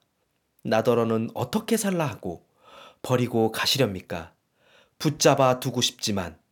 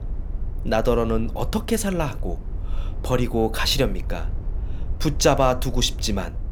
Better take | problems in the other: first | low rumble; faint; throughout; 25 dB below the speech

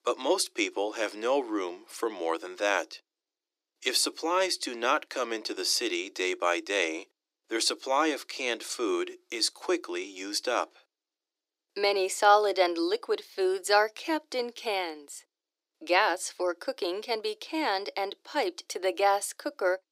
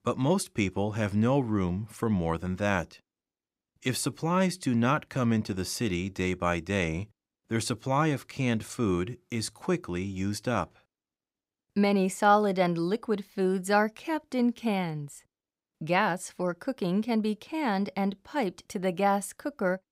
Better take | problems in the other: second | thin; very; fading below 300 Hz

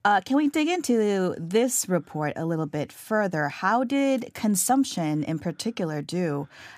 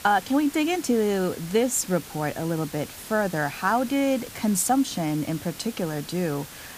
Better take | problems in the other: first | hiss; noticeable; throughout; 15 dB below the speech

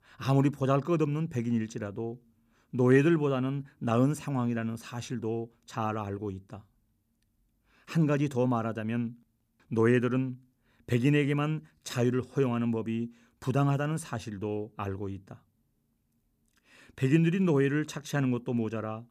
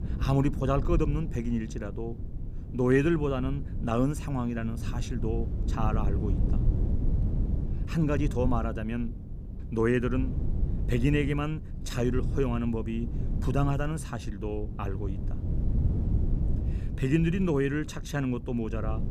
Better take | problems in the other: first | wind noise on the microphone; occasional gusts; 10 dB below the speech

